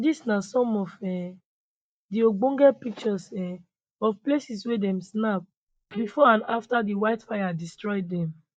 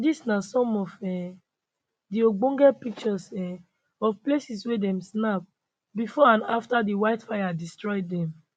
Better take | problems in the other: second | noise reduction (neural mask model DeepFilterNet 3)

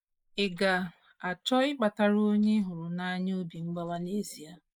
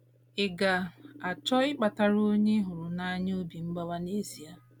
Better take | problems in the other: second | noise reduction (neural mask model Resemble Enhance denoiser)

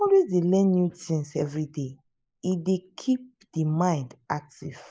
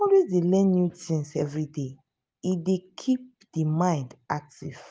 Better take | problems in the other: second | noise reduction (neural mask model Resemble Enhance denoiser)

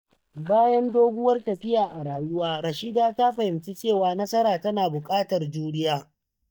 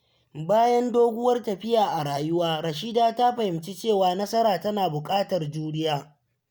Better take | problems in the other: second | noise reduction (neural mask model DeepFilterNet 3)

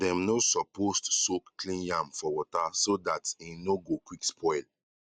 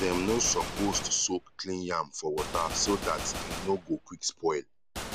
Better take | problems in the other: first | background sound (Gunshot, gunfire); 7 dB below the speech

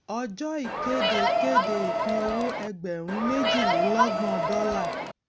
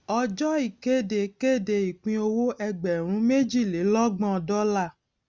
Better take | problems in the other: second | background sound (Crowd); 4 dB above the speech

